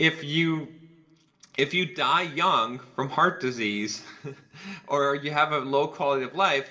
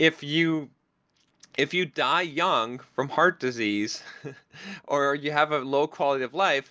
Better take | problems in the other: second | room echo; dies away in 0.8 s

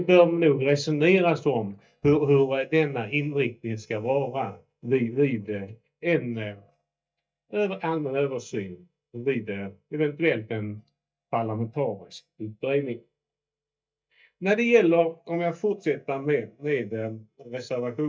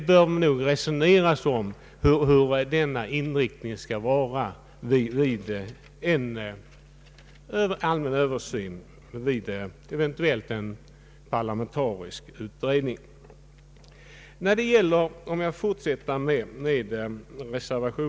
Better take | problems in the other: second | noise reduction (neural mask model DeepFilterNet 3)

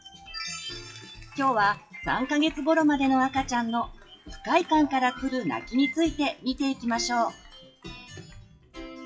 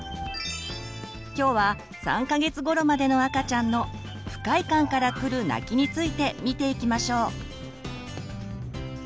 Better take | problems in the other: second | noise reduction (classical method WPE with log-MMSE)

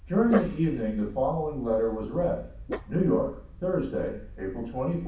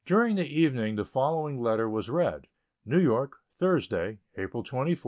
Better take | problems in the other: second | background sound (Dog); 10 dB below the speech // room echo; dies away in 0.6 s

